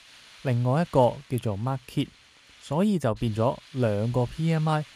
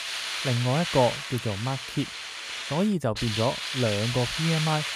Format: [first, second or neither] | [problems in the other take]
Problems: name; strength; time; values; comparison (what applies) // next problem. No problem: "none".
first | hiss; loud; throughout; 3 dB below the speech; faint in the first